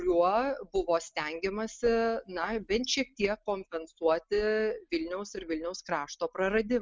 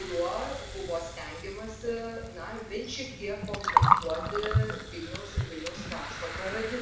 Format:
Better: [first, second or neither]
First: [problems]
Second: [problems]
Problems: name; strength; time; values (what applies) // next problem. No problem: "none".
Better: first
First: none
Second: background sound (Gurgling); 4 dB above the speech // room echo; dies away in 0.7 s